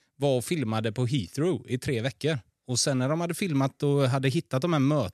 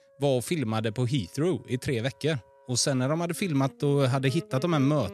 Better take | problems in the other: first | background music; noticeable; throughout; 20 dB below the speech

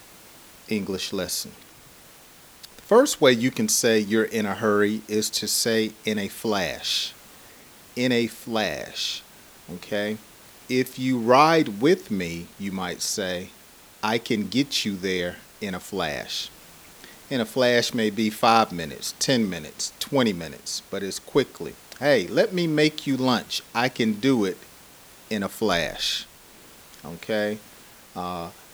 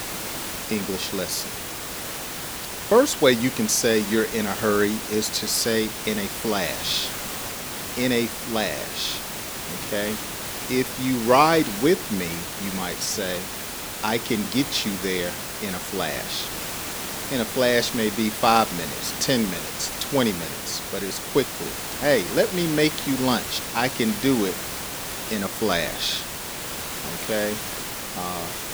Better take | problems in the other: first | hiss; loud; throughout; 5 dB below the speech; faint in the first

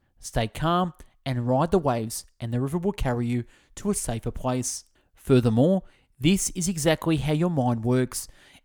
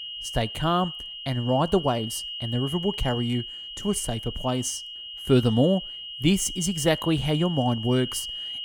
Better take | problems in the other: first | high-pitched whine; loud; throughout; 3 kHz, 8 dB below the speech

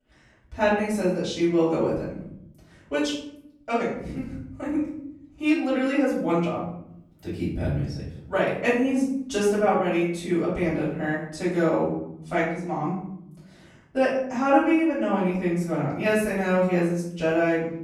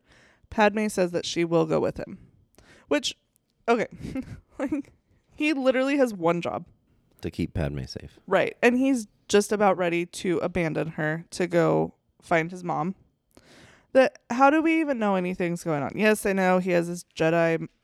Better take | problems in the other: second | off-mic speech; far // room echo; noticeable; dies away in 0.8 s

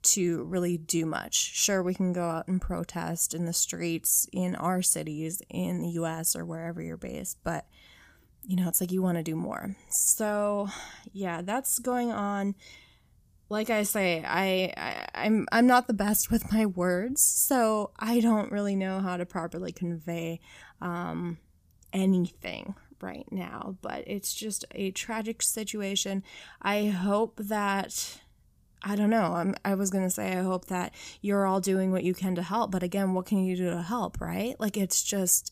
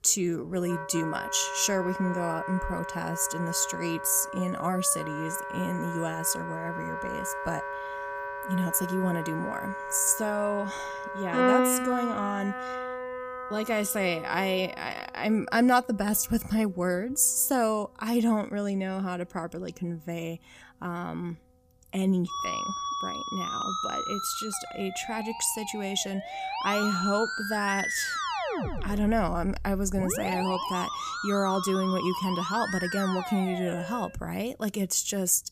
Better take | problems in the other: first | background music; loud; throughout; 4 dB below the speech

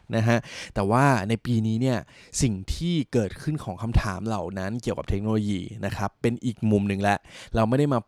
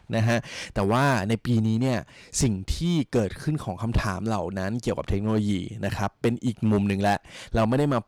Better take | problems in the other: first | distortion; slight; 5% of the sound clipped

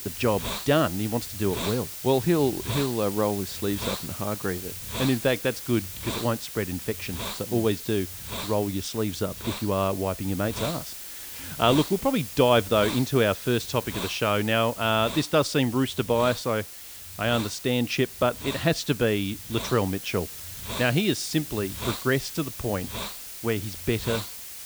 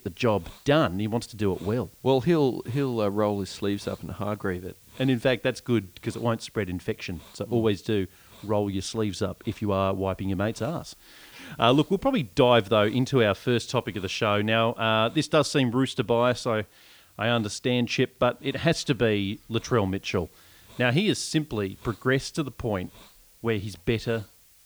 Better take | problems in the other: second | hiss; loud; throughout; 8 dB below the speech; faint in the second

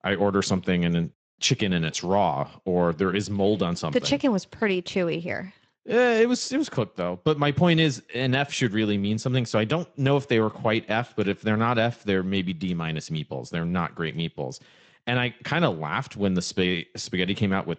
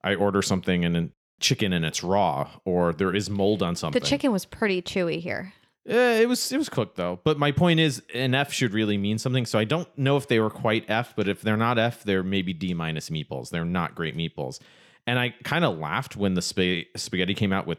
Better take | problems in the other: second | garbled, watery; slightly; nothing above 7.5 kHz

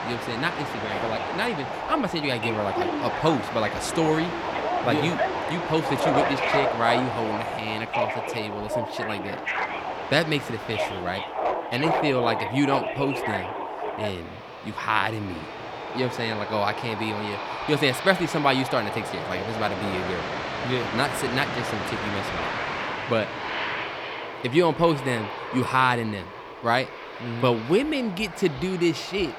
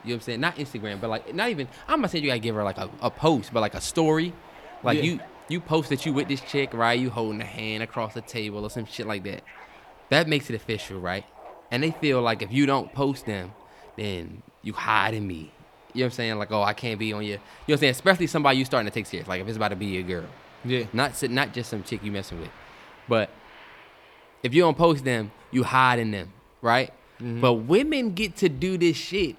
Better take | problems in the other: second | train or aircraft noise; loud; throughout; 3 dB below the speech; faint in the second

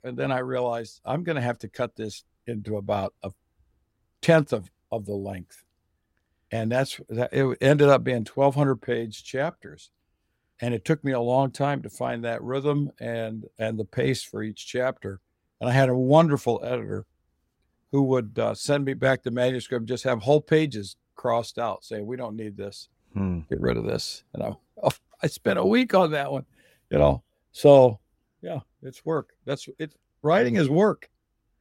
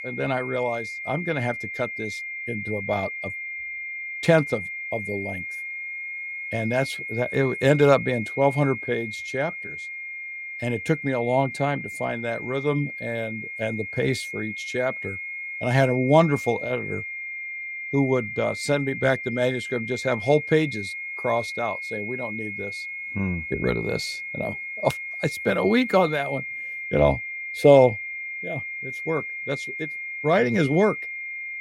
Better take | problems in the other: first | high-pitched whine; loud; throughout; 2 kHz, 7 dB below the speech

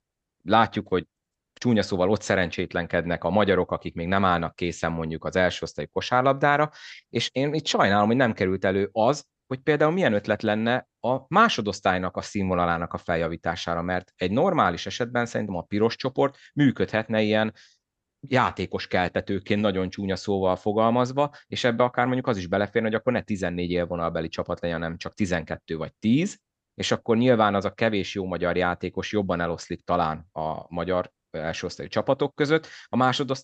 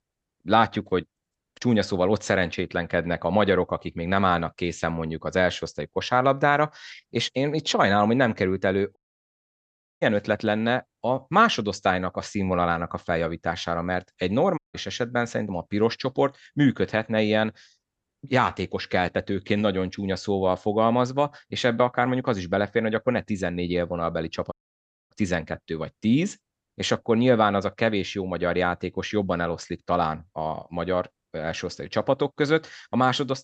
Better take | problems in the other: first | audio cutting out; at 9 s for 1 s, at 15 s and at 25 s for 0.5 s

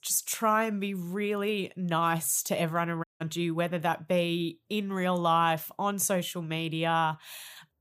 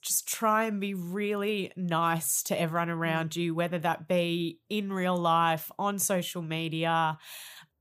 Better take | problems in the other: second | audio cutting out; at 3 s

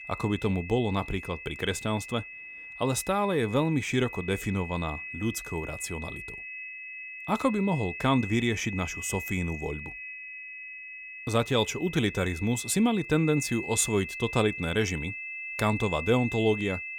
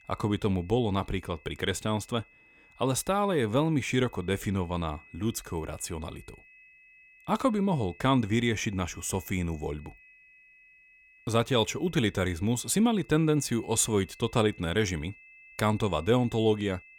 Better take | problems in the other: second | high-pitched whine; loud; throughout; 2.5 kHz, 9 dB below the speech; faint in the second

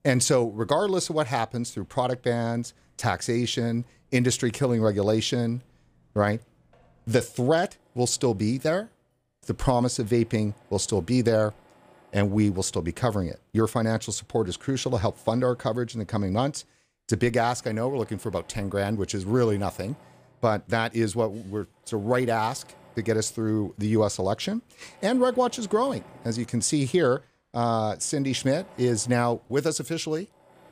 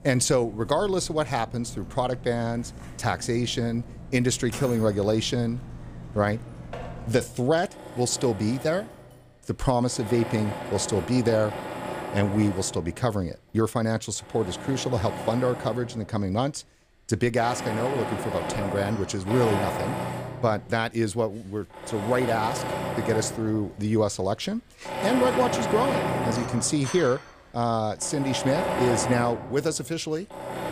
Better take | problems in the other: first | machinery noise; loud; throughout; 7 dB below the speech; faint in the first

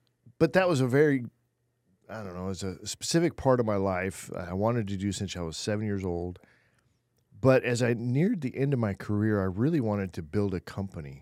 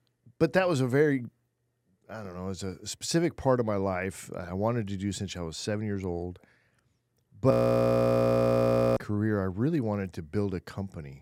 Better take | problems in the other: first | audio freezing; at 7.5 s for 1.5 s

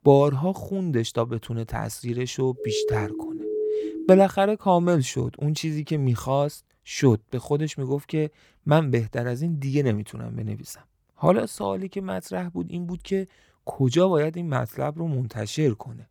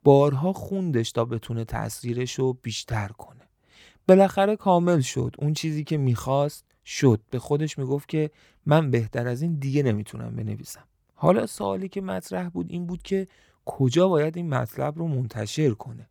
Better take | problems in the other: second | siren; noticeable; from 2.5 to 4 s; peak 2 dB below the speech

